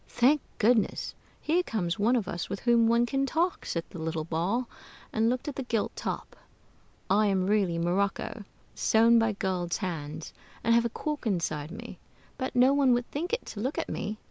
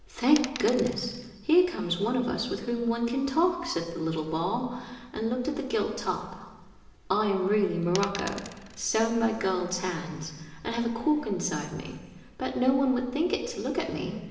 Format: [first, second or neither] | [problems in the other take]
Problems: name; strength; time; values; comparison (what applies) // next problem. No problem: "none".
first | background sound (Coin (dropping)); 12 dB below the speech // room echo; dies away in 1.3 s